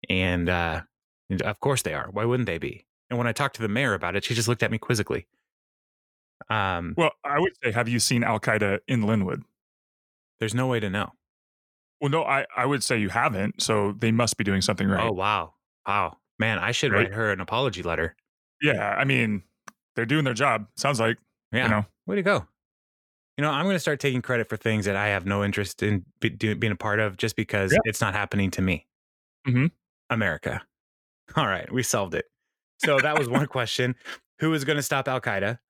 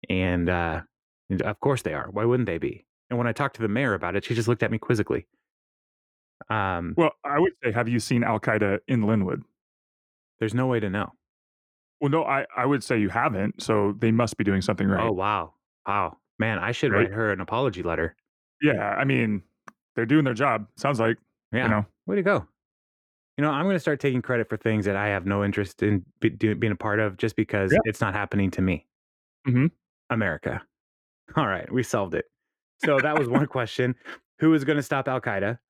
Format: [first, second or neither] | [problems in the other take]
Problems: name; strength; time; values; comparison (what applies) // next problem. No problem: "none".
first | muffled; slightly; fading above 2.5 kHz